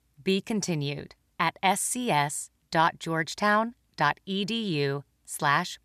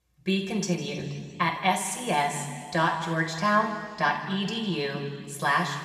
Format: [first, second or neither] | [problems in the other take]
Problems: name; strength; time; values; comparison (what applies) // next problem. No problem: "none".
first | room echo; noticeable; dies away in 2 s // off-mic speech; somewhat distant